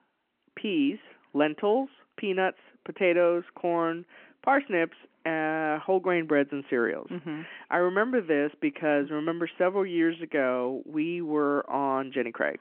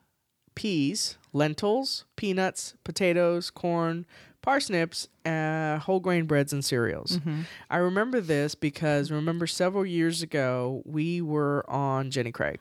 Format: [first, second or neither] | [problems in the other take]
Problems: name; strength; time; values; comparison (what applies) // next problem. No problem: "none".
second | phone-call audio